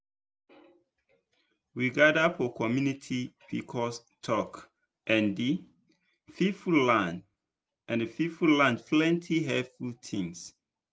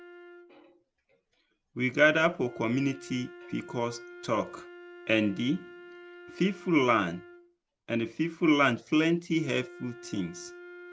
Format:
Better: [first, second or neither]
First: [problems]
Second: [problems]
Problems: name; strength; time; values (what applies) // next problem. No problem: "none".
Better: first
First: none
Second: background sound (Wind instrument, woodwind instrument); 19 dB below the speech